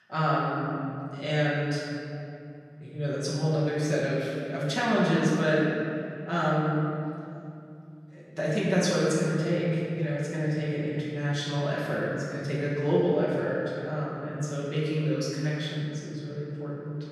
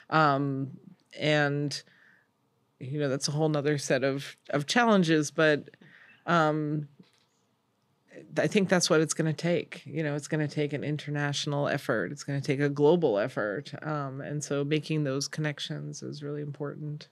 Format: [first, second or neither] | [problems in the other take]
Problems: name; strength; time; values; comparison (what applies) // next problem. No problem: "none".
second | off-mic speech; far // room echo; strong; dies away in 2.5 s